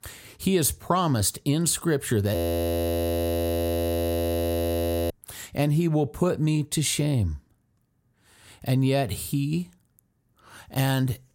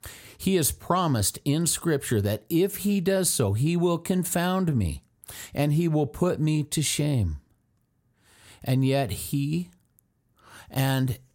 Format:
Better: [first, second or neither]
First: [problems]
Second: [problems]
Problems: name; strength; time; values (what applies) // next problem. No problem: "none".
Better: second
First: audio freezing; at 2.5 s for 2.5 s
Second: none